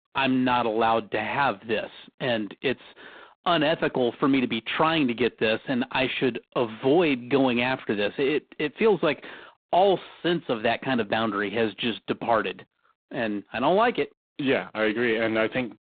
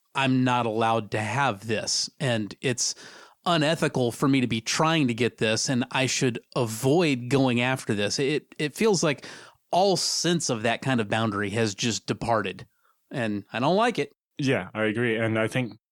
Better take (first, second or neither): second